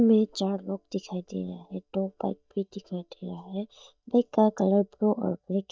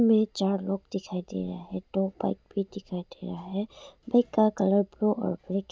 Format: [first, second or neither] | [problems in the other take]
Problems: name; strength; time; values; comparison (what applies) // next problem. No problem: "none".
second | noise reduction (neural mask model DeepFilterNet 3)